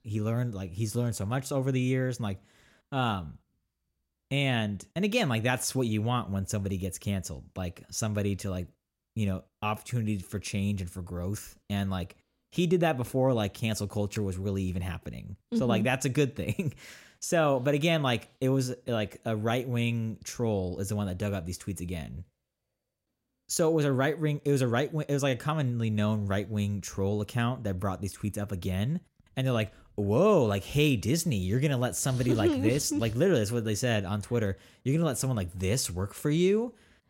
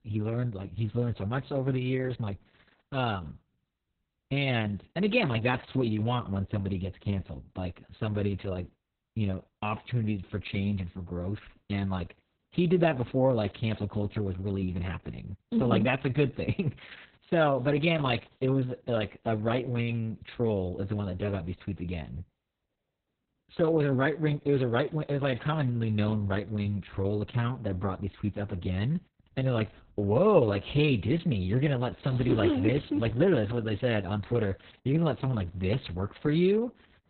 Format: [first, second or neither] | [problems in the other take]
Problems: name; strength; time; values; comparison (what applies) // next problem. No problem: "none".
first | garbled, watery; badly; nothing above 4 kHz